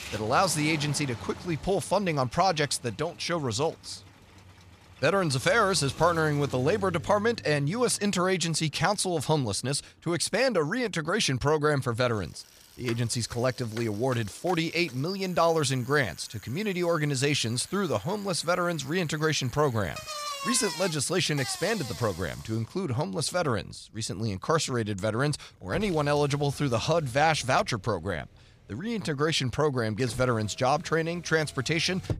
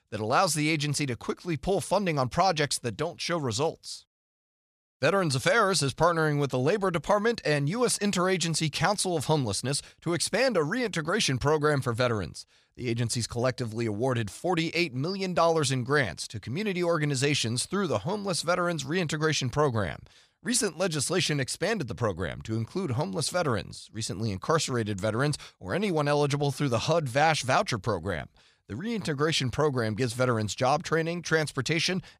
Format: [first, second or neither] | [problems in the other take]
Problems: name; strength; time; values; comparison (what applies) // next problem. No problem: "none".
second | traffic noise; noticeable; throughout; 15 dB below the speech